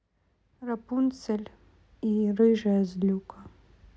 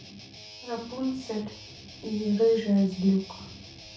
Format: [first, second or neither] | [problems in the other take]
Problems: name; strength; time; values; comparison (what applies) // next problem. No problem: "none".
first | background sound (Guitar); 17 dB below the speech // room echo; dies away in 0.3 s